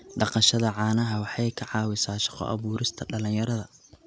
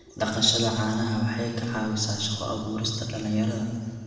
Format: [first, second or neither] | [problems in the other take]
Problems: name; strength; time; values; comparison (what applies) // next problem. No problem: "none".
first | room echo; dies away in 1.5 s